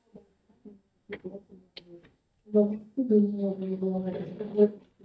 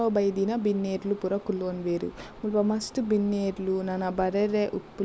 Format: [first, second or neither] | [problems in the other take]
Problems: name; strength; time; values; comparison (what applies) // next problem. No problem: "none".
second | noise reduction (neural mask model DeepFilterNet 3)